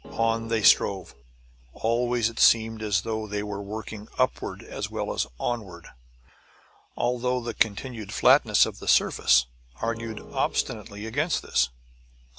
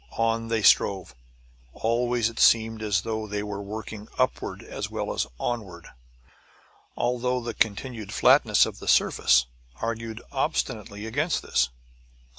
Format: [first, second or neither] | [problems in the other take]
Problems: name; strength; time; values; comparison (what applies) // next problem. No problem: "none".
second | background sound (Keyboard (musical)); 15 dB below the speech